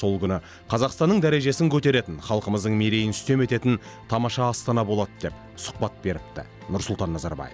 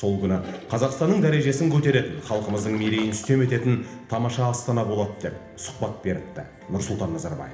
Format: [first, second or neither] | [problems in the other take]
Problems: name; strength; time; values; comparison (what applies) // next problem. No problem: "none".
first | background sound (Toilet flush); 19 dB below the speech // room echo; dies away in 1 s